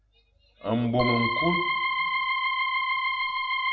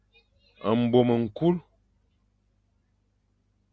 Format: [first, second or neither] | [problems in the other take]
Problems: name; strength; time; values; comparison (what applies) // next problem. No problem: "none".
second | background sound (Organ); 5 dB above the speech // room echo; dies away in 0.7 s